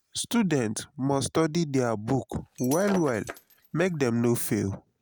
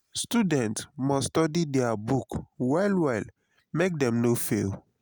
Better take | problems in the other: second | background sound (Shatter); 13 dB below the speech

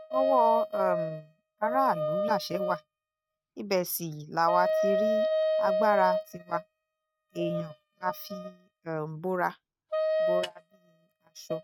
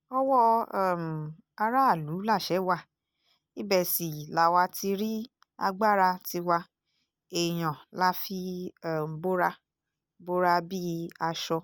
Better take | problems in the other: second | noise reduction (neural mask model RNNoise)

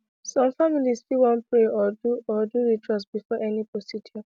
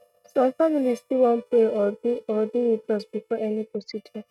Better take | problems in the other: first | noise reduction (neural mask model RNNoise)

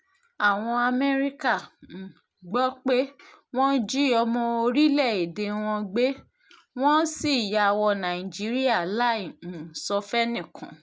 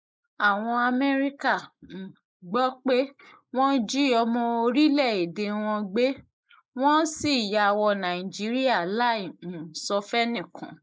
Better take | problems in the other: first | noise reduction (neural mask model Resemble Enhance denoiser)

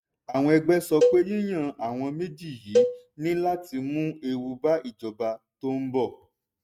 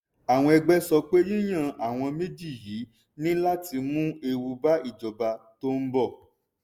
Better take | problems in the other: second | noise reduction (neural mask model RNNoise)

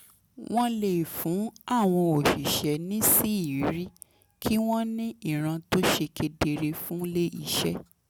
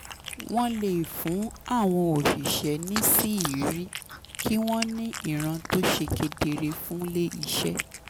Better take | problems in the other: first | background sound (Cat); 11 dB below the speech

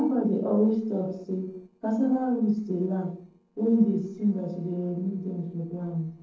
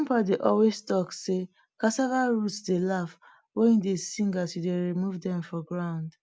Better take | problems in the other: second | noise reduction (neural separator model SepFormer DNS4)

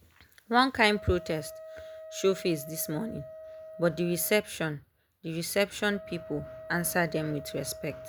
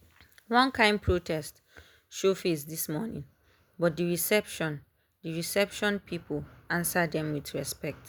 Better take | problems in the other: second | background sound (Wind instrument, woodwind instrument); 15 dB below the speech

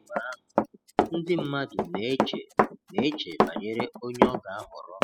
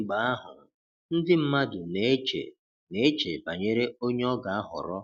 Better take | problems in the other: second | noise reduction (classical method spectral subtraction)

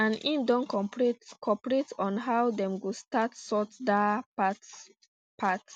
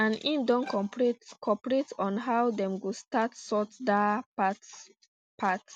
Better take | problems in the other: first | background sound (Bowed string instrument); 20 dB below the speech

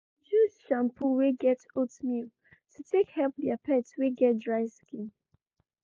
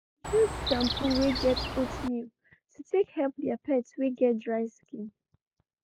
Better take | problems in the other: first | background sound (Chirp, tweet); 4 dB below the speech

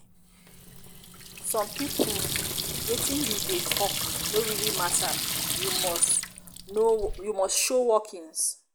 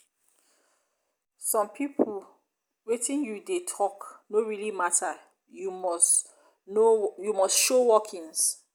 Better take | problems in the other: second | background sound (Sink (filling or washing) / Water tap, faucet); 2 dB below the speech

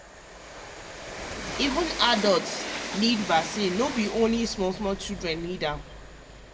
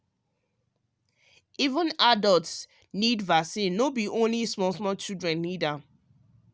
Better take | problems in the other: second | background sound (Train); 8 dB below the speech // room echo; dies away in 1.1 s

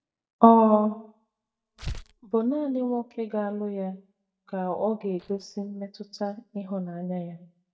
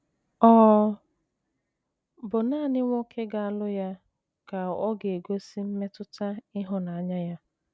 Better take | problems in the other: second | noise reduction (neural mask model DeepFilterNet 3)

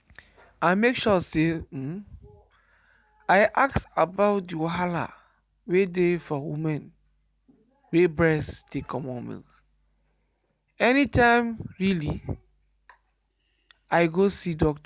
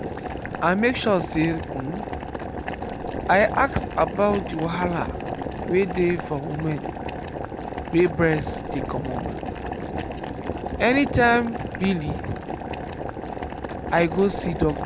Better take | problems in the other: first | background sound (Boiling); 6 dB below the speech

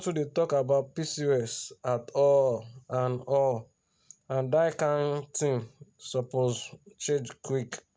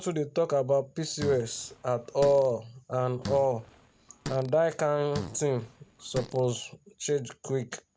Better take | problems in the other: first | background sound (Fart); 13 dB below the speech

